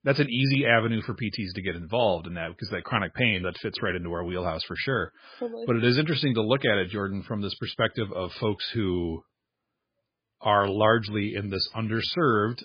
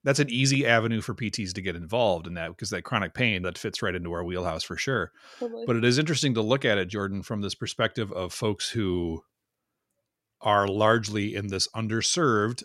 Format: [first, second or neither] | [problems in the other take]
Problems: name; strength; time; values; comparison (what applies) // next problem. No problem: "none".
second | garbled, watery; badly